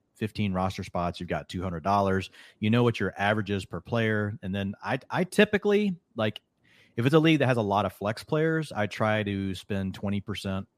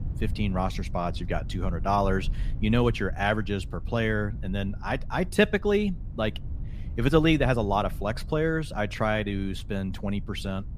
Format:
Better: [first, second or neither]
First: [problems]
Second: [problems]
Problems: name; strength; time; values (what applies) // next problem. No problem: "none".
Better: first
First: none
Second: low rumble; faint; throughout; 25 dB below the speech